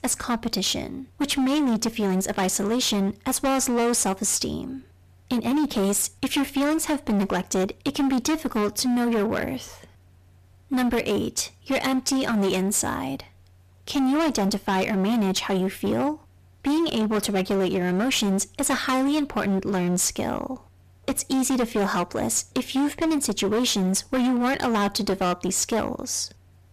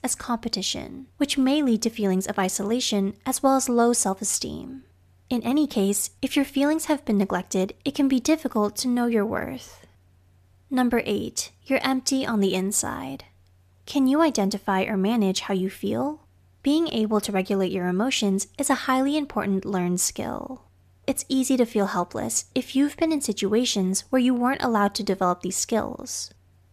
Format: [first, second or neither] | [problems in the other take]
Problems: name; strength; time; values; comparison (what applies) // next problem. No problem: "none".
second | distortion; heavy; 20% of the sound clipped